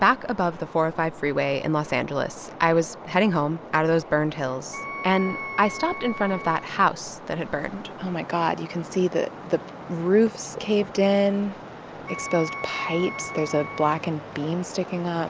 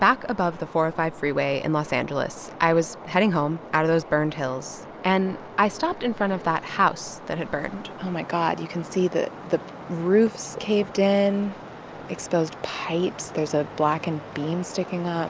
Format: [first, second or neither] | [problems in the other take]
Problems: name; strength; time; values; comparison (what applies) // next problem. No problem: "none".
second | background sound (Wind instrument, woodwind instrument); 11 dB below the speech